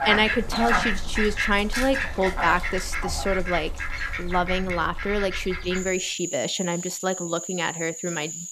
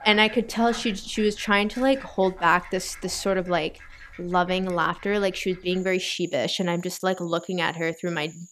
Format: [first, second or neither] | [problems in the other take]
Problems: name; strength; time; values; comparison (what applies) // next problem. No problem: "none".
second | animal sounds; loud; throughout; 3 dB below the speech; faint in the second